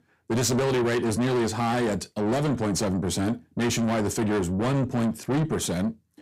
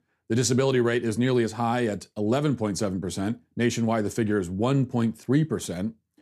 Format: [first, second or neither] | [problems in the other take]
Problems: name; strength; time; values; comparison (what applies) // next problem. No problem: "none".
second | distortion; heavy; 7 dB below the speech